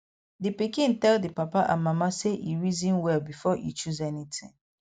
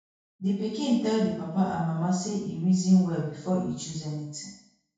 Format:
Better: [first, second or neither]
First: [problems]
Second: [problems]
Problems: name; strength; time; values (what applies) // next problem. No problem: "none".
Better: first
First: none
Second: room echo; dies away in 0.6 s